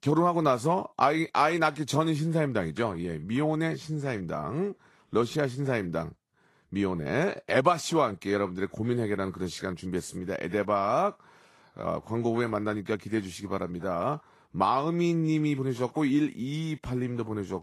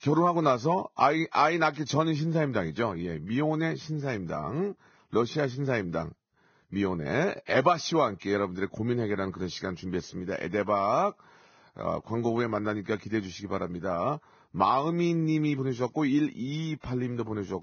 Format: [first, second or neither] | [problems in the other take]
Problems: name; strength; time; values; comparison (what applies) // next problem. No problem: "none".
first | garbled, watery; badly; nothing above 6.5 kHz; slightly in the first